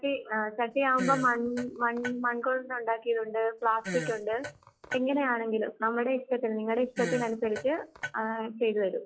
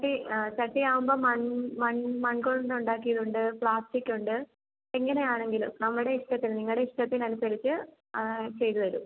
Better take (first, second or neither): second